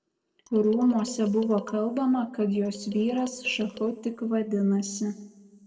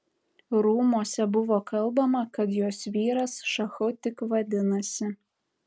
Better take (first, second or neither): second